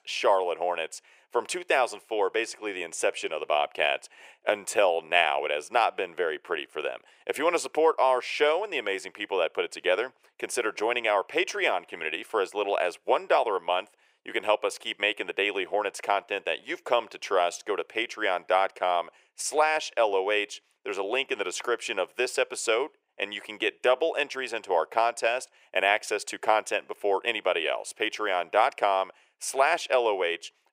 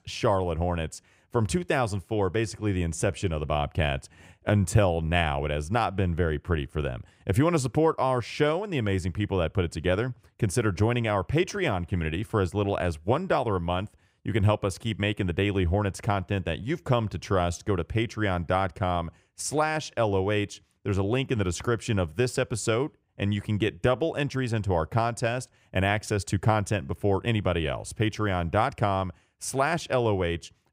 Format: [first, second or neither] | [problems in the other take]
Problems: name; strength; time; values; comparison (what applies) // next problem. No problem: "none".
second | thin; very; fading below 400 Hz